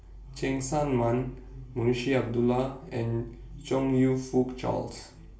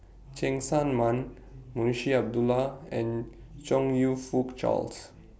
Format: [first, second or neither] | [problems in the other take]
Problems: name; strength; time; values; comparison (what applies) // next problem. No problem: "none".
second | room echo; dies away in 0.4 s